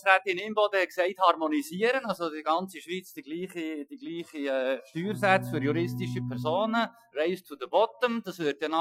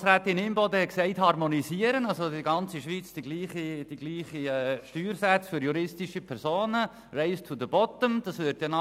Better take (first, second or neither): second